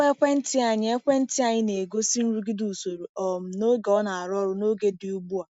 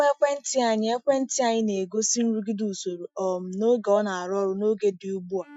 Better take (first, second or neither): first